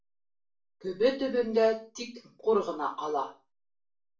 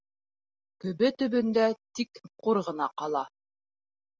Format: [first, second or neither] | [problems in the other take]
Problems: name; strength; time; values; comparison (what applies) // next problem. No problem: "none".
second | room echo; dies away in 0.3 s